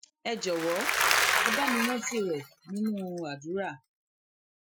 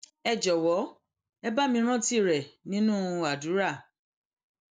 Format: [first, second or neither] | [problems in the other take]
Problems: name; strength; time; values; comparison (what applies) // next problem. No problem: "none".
second | noise reduction (classical method Wiener filter)